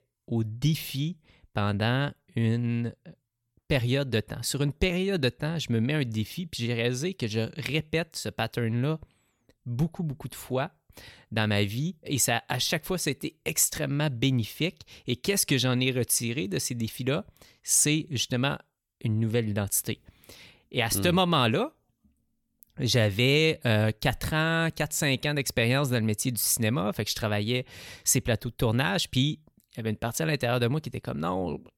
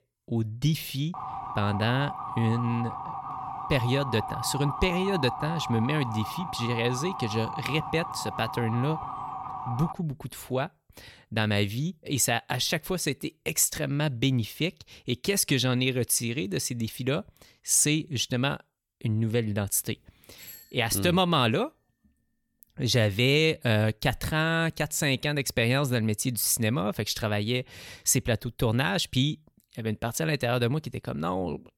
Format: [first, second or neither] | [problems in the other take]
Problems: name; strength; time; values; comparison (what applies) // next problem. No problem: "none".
first | siren; noticeable; from 1 to 10 s; peak 7 dB below the speech // doorbell; faint; at 20 s; peak 20 dB below the speech